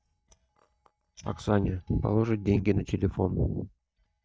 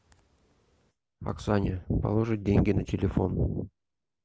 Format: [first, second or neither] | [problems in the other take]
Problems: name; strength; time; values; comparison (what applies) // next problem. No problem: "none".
second | noise reduction (neural mask model DeepFilterNet 3)